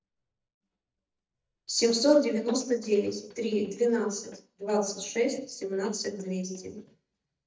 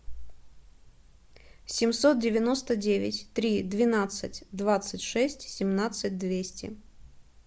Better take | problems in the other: second | noise reduction (neural mask model DeepFilterNet 3)

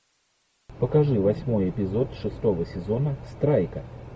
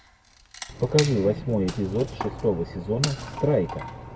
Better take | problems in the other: first | background sound (Wood); 11 dB below the speech

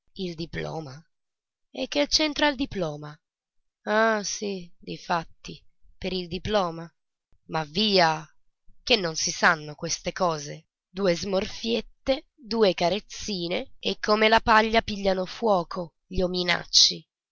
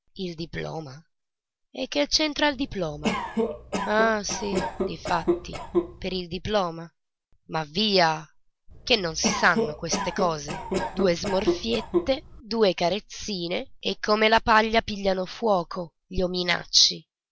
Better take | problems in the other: first | background sound (Cough); 3 dB below the speech

